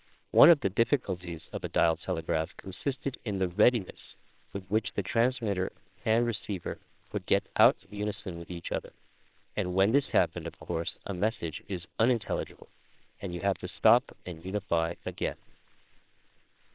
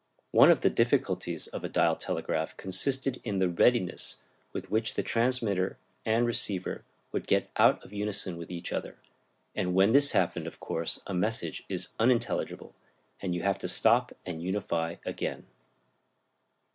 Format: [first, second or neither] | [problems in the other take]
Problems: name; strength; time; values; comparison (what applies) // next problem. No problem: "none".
second | noise reduction (neural separator model SepFormer WHAMR!)